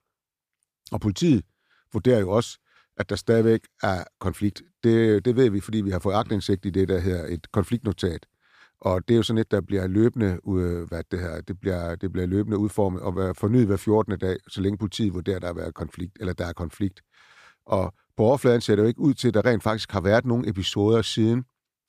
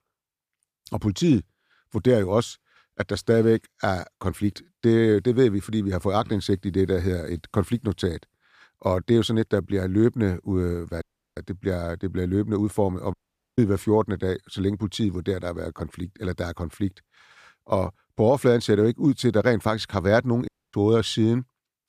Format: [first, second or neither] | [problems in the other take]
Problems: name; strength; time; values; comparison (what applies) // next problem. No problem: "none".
first | audio cutting out; at 11 s, at 13 s and at 20 s